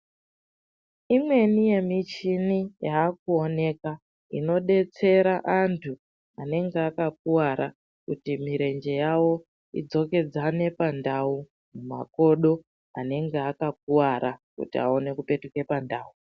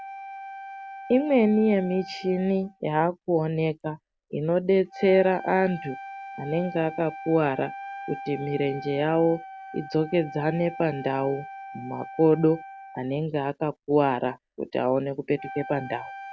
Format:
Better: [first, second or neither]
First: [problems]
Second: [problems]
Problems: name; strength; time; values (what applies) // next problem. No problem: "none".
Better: first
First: none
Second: background sound (Wind instrument, woodwind instrument); 15 dB below the speech